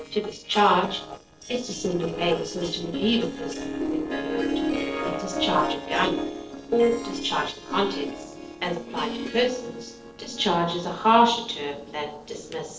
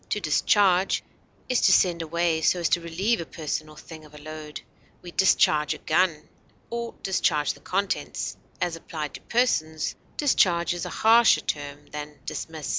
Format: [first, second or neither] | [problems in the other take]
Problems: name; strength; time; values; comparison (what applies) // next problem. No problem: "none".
second | noise reduction (neural separator model SepFormer DNS4)